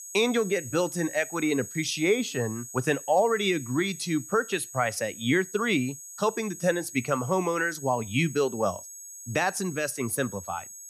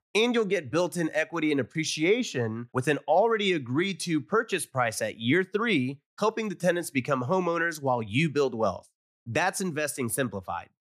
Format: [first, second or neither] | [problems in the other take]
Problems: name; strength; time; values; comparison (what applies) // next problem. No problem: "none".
second | high-pitched whine; noticeable; throughout; 6.5 kHz, 15 dB below the speech